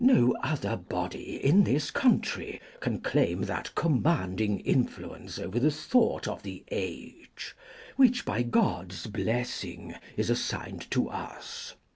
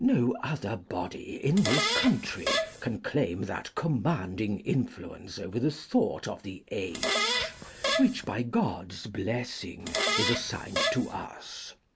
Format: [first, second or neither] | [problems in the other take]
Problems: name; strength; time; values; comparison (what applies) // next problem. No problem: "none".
first | background sound (Fart); as loud as the speech